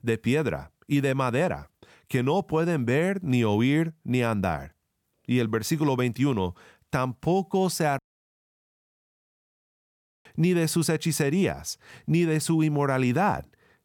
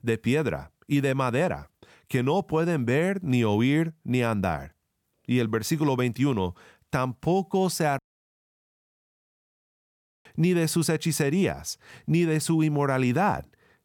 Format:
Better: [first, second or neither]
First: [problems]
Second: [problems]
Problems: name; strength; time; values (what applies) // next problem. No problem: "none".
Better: neither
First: audio cutting out; at 8 s for 2.5 s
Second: audio cutting out; at 8 s for 2.5 s